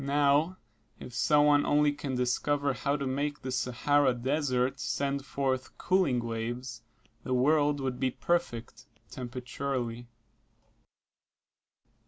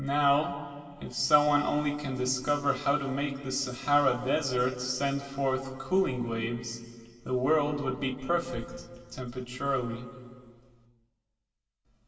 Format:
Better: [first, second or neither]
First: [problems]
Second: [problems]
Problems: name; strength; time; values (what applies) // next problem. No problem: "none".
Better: first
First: none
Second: room echo; dies away in 2.3 s